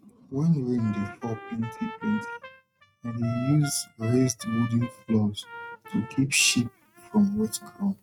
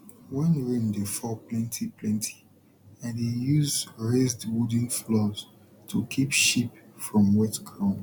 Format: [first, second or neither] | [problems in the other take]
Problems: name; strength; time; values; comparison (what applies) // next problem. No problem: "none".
second | noise reduction (neural mask model RNNoise)